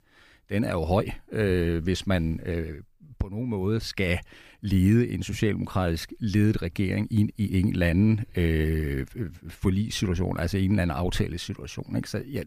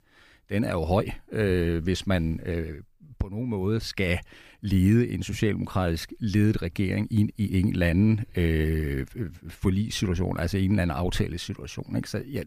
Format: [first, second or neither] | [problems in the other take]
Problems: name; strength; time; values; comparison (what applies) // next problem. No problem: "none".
neither | none